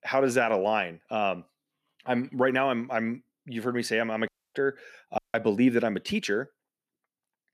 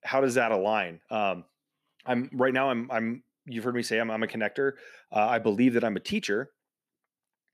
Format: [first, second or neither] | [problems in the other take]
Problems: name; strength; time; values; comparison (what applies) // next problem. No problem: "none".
second | audio cutting out; at 4.5 s and at 5 s